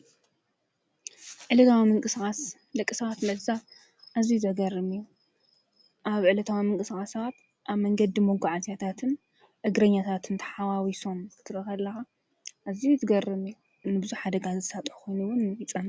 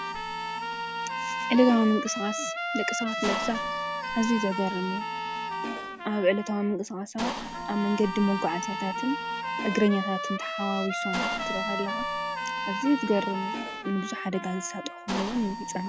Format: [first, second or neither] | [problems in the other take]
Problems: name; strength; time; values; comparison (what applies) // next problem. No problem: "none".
first | background sound (Mechanisms + Trumpet); 3 dB below the speech